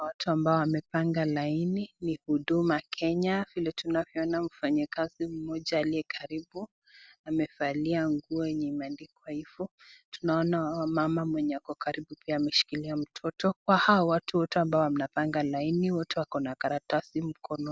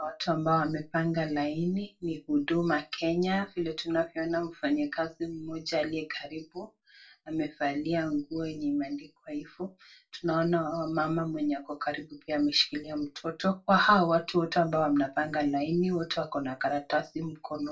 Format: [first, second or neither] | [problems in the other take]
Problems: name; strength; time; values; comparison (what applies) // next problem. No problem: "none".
first | room echo; dies away in 0.2 s